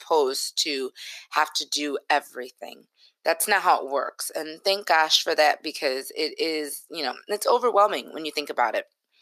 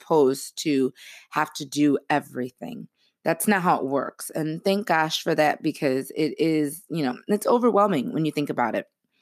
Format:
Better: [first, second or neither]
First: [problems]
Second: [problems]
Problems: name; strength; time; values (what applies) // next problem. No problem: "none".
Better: second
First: thin; very; fading below 500 Hz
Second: none